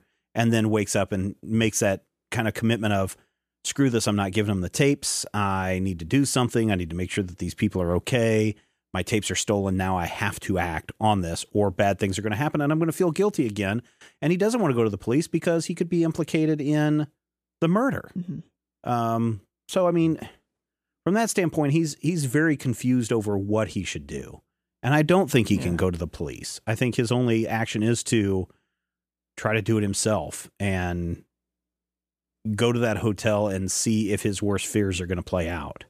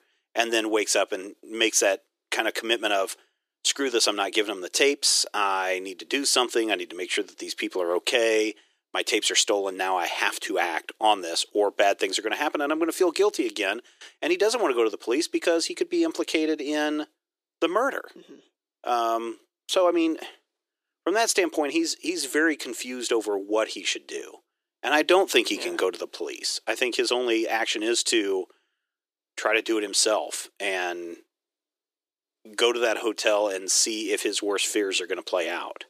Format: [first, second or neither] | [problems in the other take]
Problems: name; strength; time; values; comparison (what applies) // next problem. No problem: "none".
first | thin; very; fading below 350 Hz